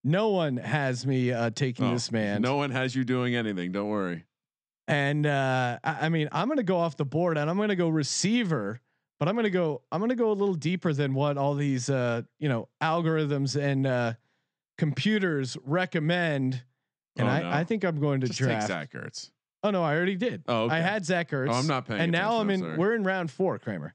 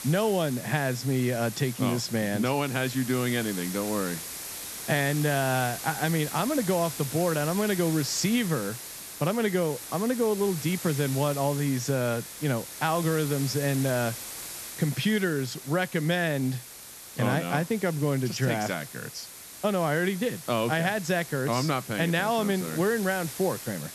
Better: first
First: none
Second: hiss; loud; throughout; 10 dB below the speech

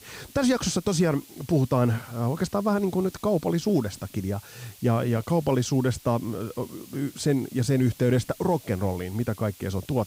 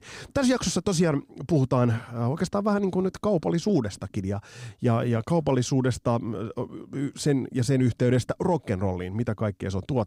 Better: second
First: hiss; faint; throughout; 20 dB below the speech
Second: none

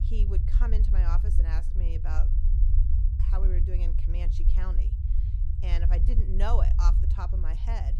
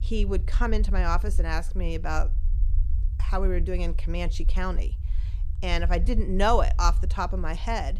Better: second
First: low rumble; loud; throughout; 6 dB below the speech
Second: low rumble; faint; throughout; 20 dB below the speech

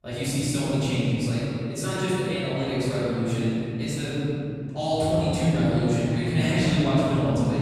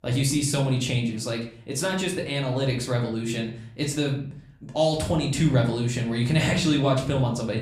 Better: second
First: room echo; strong; dies away in 3 s // off-mic speech; far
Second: room echo; slight; dies away in 0.5 s // off-mic speech; somewhat distant

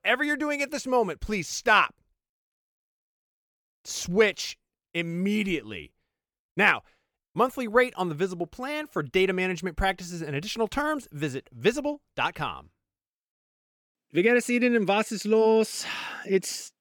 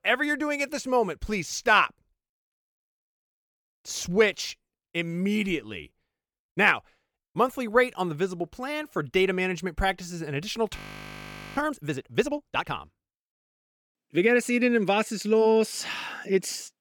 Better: first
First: none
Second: audio freezing; at 11 s for 1 s

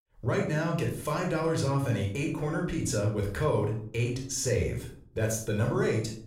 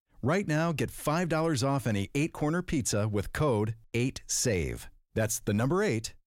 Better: second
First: off-mic speech; somewhat distant // room echo; noticeable; dies away in 0.4 s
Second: none

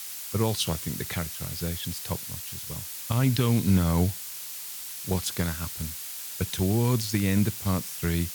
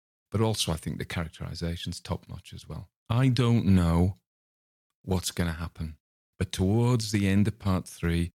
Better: second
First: hiss; loud; throughout; 7 dB below the speech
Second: none

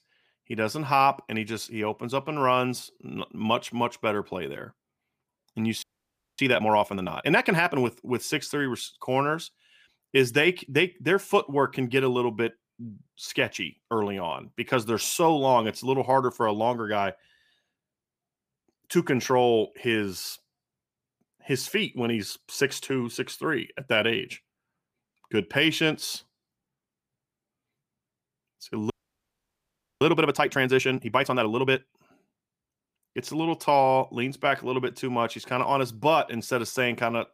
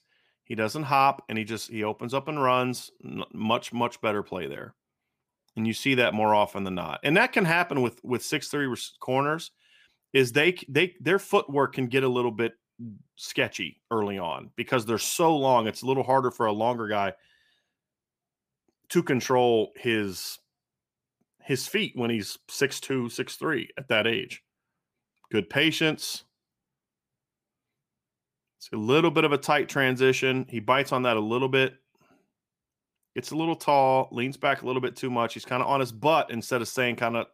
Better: second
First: audio freezing; at 6 s for 0.5 s and at 29 s for 1 s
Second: none

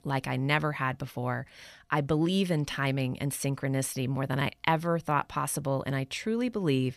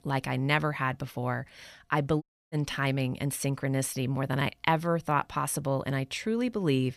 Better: first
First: none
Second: audio cutting out; at 2 s

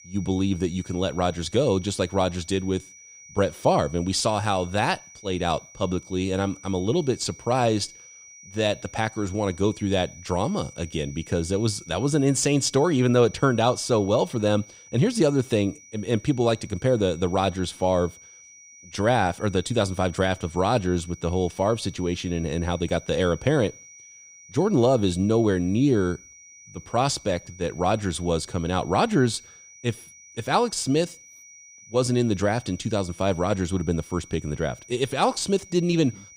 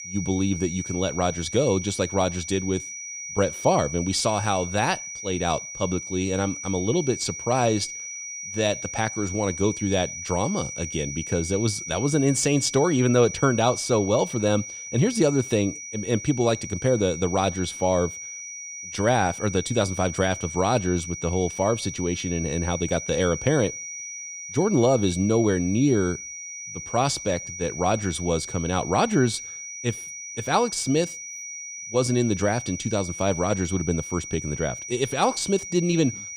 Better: first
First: high-pitched whine; faint; throughout; 6 kHz, 20 dB below the speech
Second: high-pitched whine; loud; throughout; 6 kHz, 9 dB below the speech

